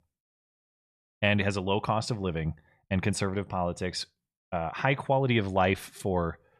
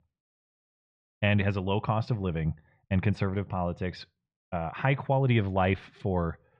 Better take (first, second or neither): first